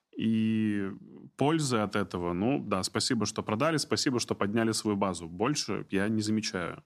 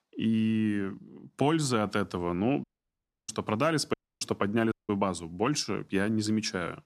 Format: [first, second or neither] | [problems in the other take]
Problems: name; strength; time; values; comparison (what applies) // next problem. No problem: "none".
first | audio cutting out; at 2.5 s for 0.5 s, at 4 s and at 4.5 s